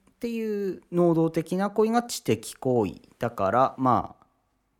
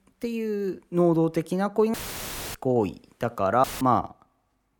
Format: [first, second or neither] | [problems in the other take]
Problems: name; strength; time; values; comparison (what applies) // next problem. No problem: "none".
first | audio cutting out; filled with static; at 2 s for 0.5 s and at 3.5 s